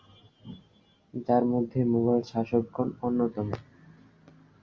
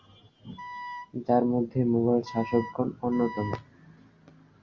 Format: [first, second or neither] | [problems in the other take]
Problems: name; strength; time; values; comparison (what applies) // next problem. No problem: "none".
first | background sound (Wind instrument, woodwind instrument); 12 dB below the speech